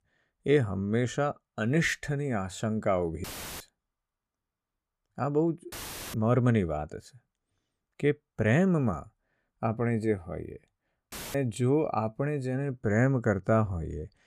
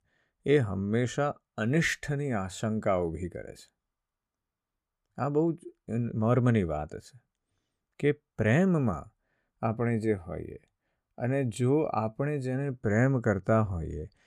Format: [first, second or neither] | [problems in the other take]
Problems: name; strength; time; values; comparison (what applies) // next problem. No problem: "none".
second | audio cutting out; filled with static; at 3 s, at 5.5 s and at 11 s